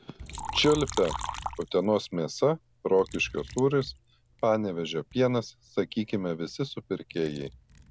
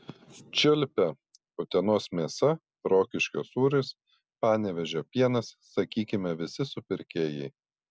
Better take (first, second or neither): second